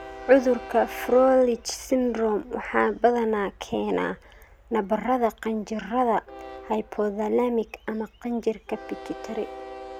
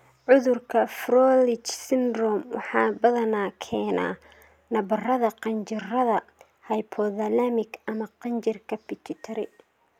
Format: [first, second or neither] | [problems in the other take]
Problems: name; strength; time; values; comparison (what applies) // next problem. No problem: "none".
second | background sound (Train); 18 dB below the speech